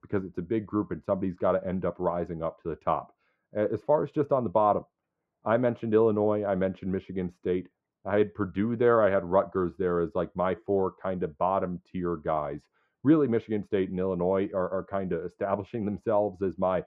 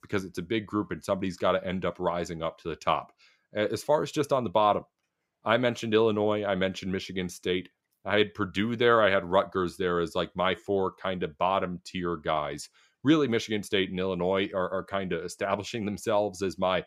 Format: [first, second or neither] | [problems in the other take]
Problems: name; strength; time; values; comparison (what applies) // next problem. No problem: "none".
second | muffled; very; fading above 3 kHz